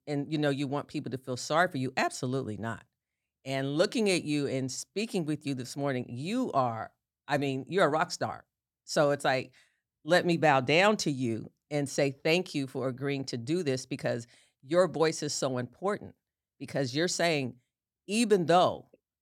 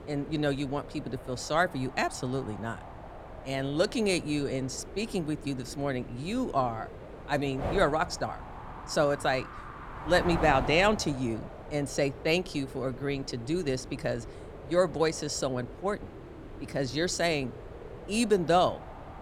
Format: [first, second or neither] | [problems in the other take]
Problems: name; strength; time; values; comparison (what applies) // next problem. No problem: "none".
first | wind noise on the microphone; occasional gusts; 15 dB below the speech